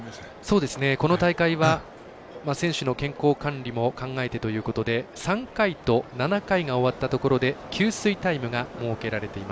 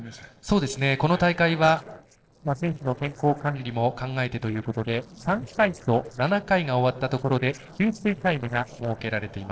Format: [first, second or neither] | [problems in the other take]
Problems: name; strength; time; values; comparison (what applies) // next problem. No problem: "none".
first | noise reduction (neural separator model SepFormer DNS4)